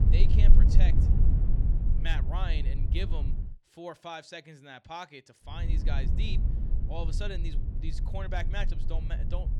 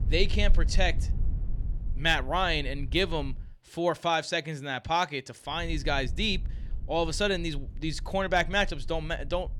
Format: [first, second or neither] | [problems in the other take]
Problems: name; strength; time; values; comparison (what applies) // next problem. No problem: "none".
second | low rumble; loud; until 3.5 s and from 5.5 s on; 5 dB below the speech; faint in the second